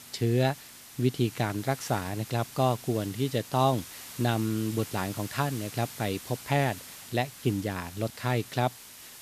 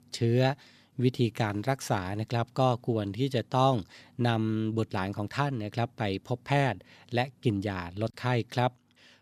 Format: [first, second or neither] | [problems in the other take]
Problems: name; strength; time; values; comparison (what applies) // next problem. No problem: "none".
second | hiss; noticeable; throughout; 15 dB below the speech